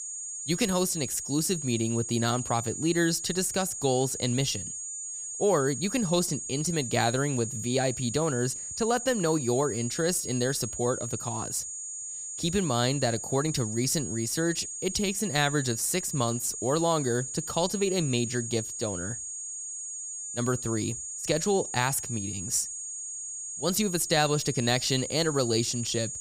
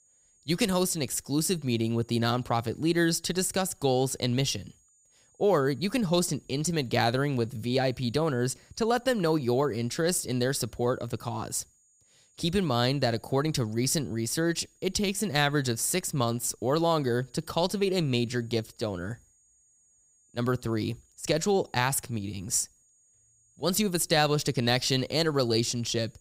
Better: second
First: high-pitched whine; loud; throughout; 7 kHz, 6 dB below the speech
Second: high-pitched whine; faint; throughout; 7 kHz, 35 dB below the speech

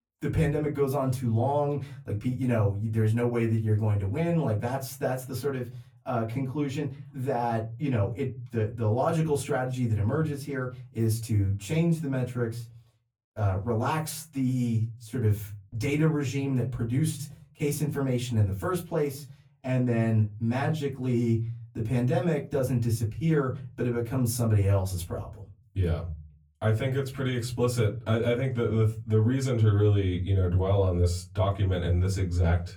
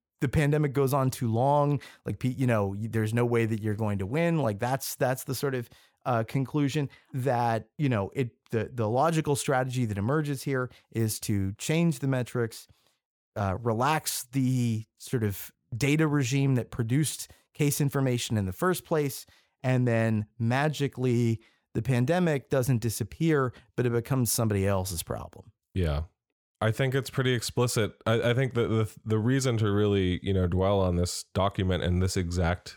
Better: second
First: off-mic speech; far // room echo; very slight; dies away in 0.4 s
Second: none

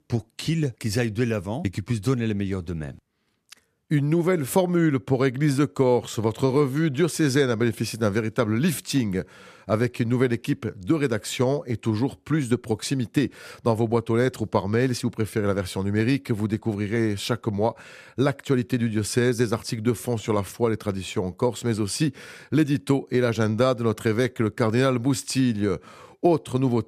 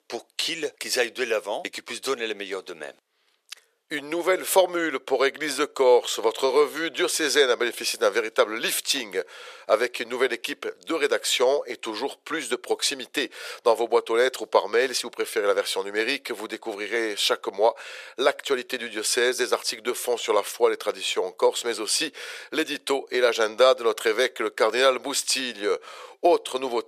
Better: first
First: none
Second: thin; very; fading below 450 Hz

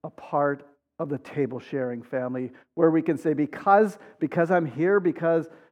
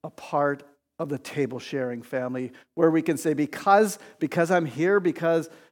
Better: second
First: muffled; very; fading above 3 kHz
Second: none

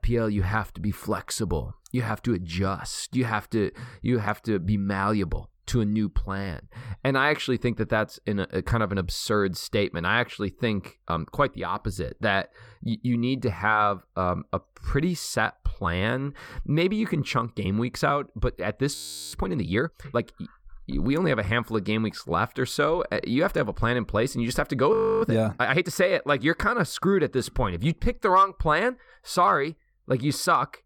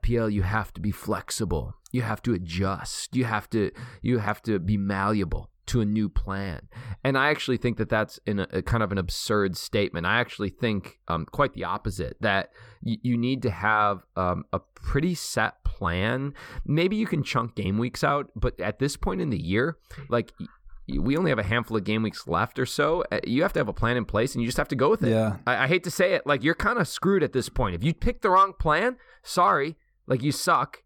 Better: second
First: audio freezing; at 19 s and at 25 s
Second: none

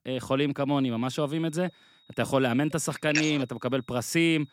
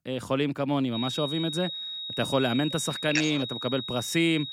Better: first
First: high-pitched whine; faint; from 1 s on; 4 kHz, 30 dB below the speech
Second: high-pitched whine; loud; from 1 s on; 4 kHz, 6 dB below the speech

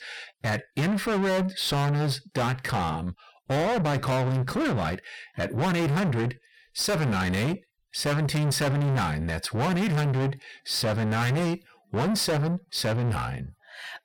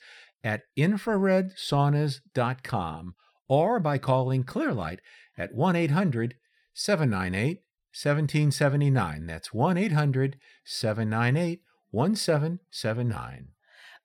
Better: second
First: distortion; heavy; 6 dB below the speech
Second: none

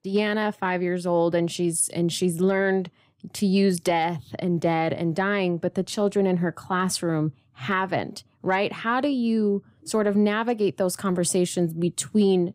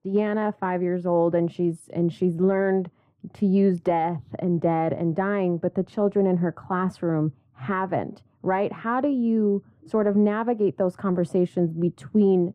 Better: first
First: none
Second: muffled; very; fading above 2.5 kHz

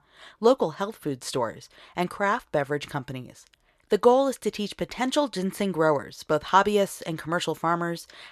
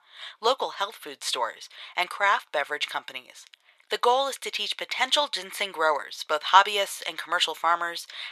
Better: first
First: none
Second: thin; very; fading below 900 Hz

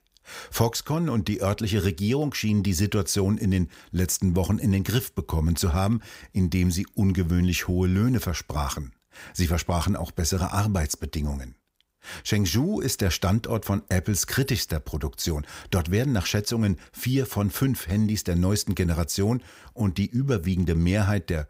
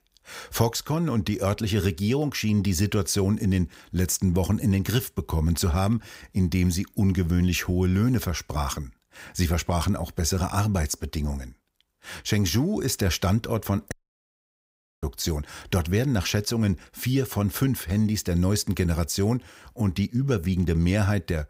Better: first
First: none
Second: audio cutting out; at 14 s for 1 s

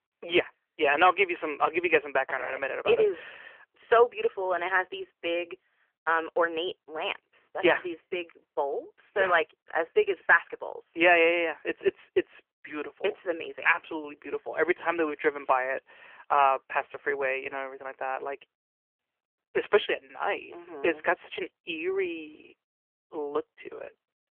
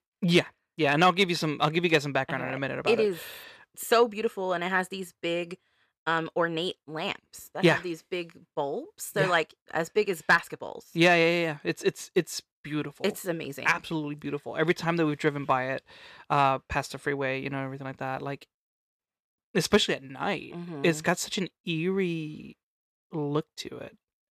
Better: second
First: phone-call audio; nothing above 3 kHz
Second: none

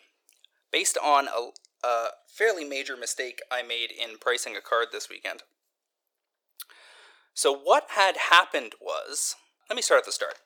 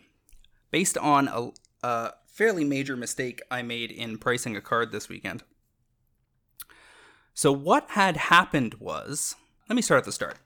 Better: second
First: thin; very; fading below 400 Hz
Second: none

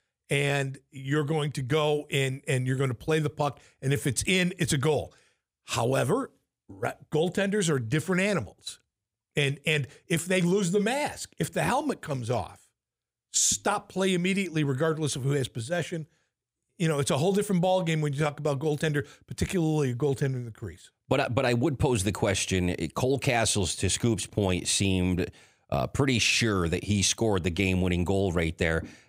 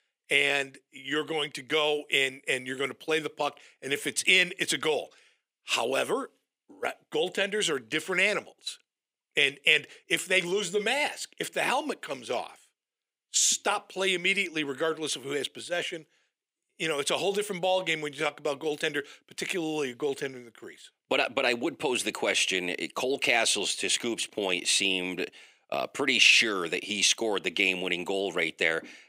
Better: first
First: none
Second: thin; somewhat; fading below 300 Hz

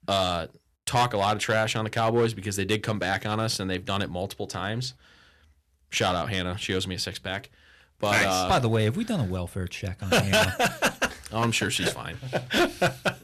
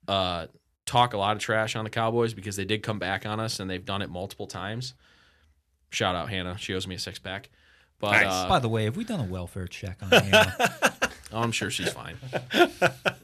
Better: second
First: distortion; heavy; 4% of the sound clipped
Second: none

